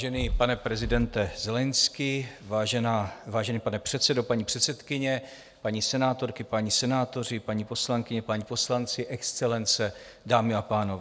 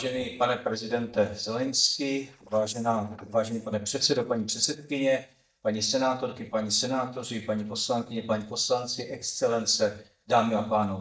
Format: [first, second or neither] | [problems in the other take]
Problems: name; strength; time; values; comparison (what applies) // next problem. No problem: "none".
first | noise reduction (neural mask model DeepFilterNet 3)